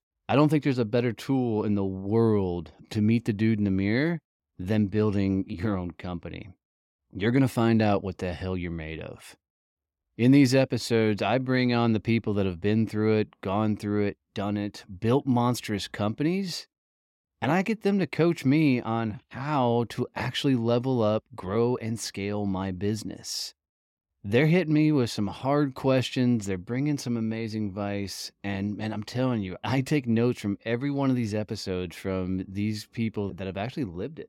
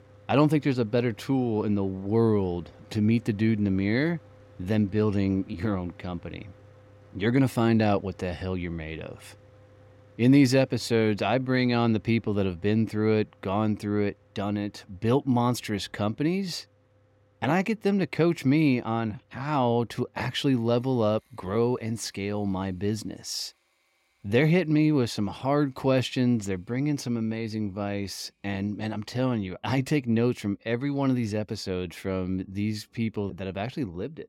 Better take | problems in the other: first | machinery noise; faint; throughout; 30 dB below the speech

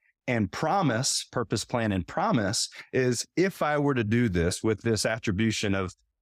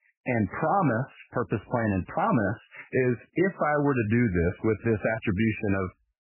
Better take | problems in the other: first | garbled, watery; badly; nothing above 2.5 kHz

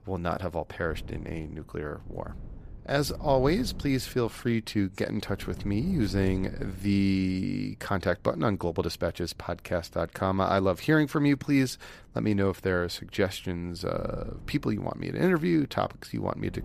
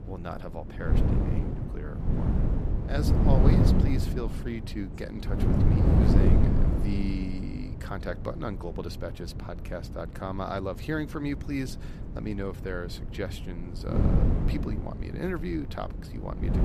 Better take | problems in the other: first | wind noise on the microphone; heavy; 2 dB above the speech; occasional gusts in the first

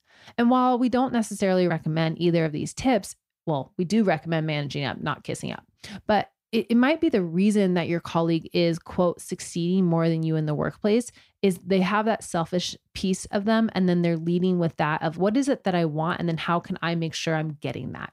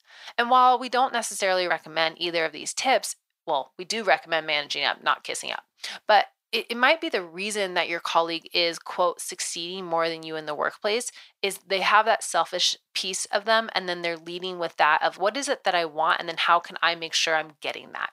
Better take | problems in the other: first | thin; very; fading below 850 Hz

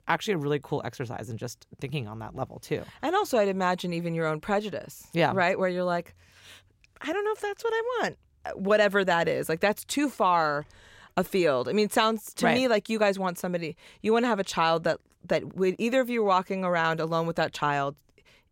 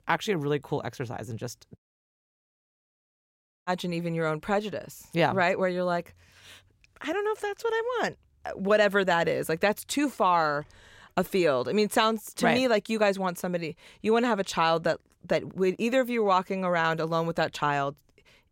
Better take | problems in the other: first | audio cutting out; at 2 s for 2 s

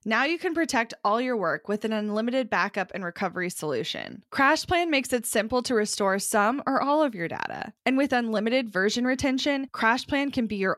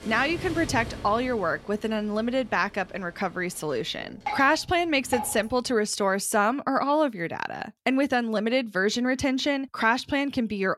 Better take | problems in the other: first | rain or running water; noticeable; until 5.5 s; 10 dB below the speech

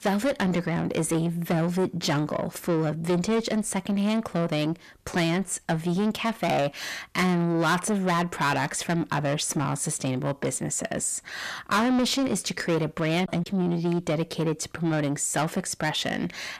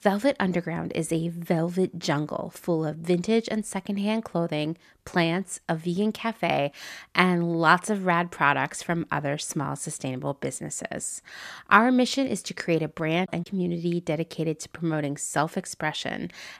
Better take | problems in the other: second | distortion; heavy; 6 dB below the speech

